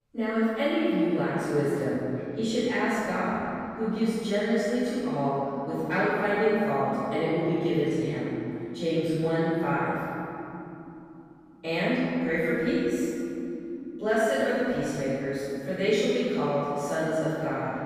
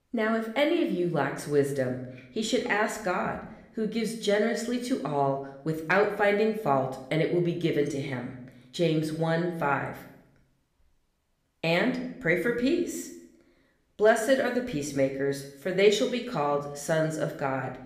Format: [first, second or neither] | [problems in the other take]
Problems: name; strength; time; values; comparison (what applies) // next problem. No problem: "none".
second | room echo; strong; dies away in 3 s; slight in the second // off-mic speech; far